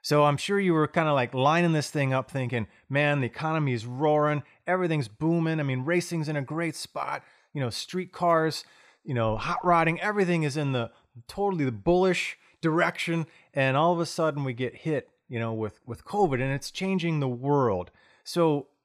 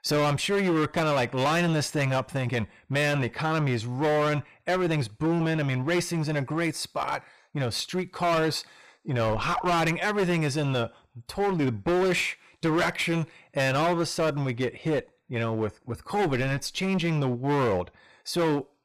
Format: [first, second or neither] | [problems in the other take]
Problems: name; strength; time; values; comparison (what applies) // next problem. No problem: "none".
first | distortion; heavy; 17% of the sound clipped